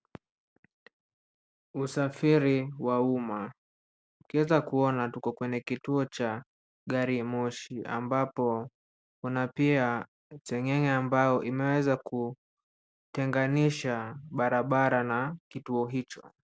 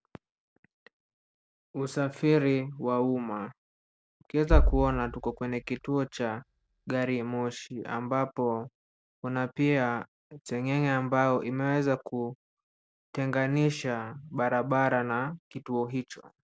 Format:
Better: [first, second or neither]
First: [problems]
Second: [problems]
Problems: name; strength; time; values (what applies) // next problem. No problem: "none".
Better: first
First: none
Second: background sound (Bass drum); 7 dB below the speech